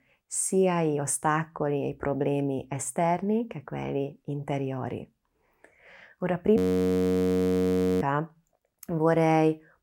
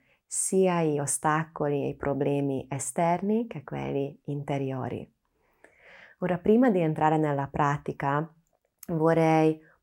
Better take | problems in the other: second | audio freezing; at 6.5 s for 1.5 s

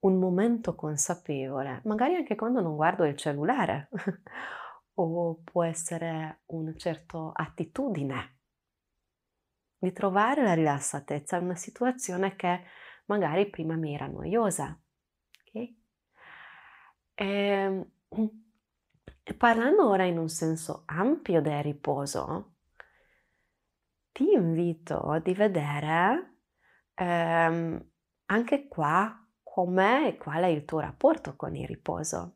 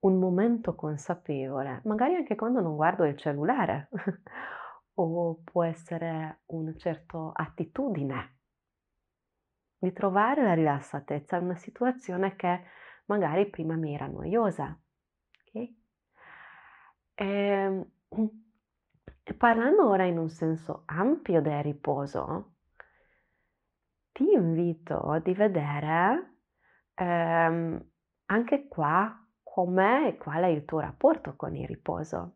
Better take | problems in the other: first | muffled; very; fading above 2 kHz

